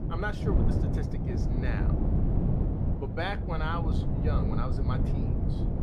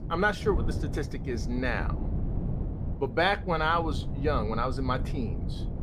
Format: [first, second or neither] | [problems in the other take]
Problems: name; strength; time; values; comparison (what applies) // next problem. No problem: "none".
second | wind noise on the microphone; heavy; 2 dB below the speech; occasional gusts in the second